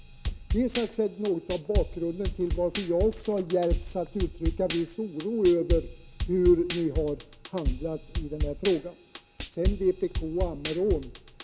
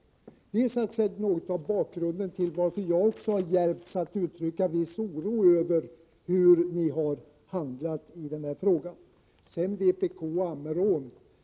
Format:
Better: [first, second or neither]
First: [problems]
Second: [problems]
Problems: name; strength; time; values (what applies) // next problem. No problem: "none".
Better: second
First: background sound (Drum kit); 4 dB below the speech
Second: none